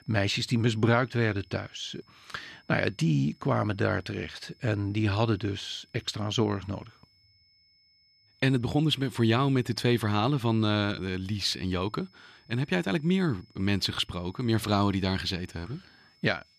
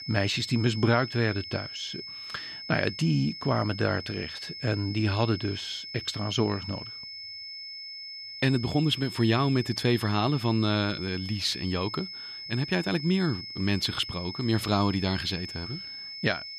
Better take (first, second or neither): first